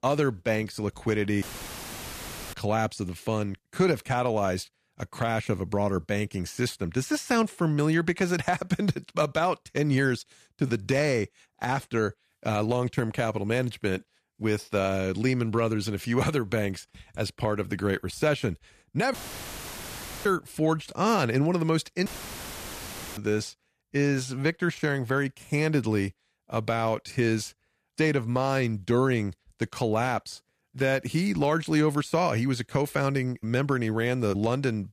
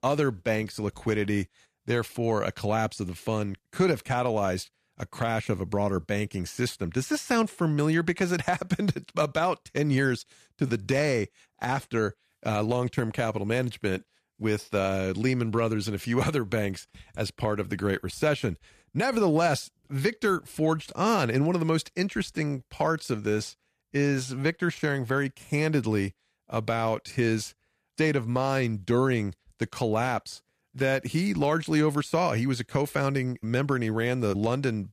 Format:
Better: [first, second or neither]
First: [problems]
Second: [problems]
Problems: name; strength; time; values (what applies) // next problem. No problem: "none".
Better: second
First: audio cutting out; filled with static; at 1.5 s for 1 s, at 19 s for 1 s and at 22 s for 1 s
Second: none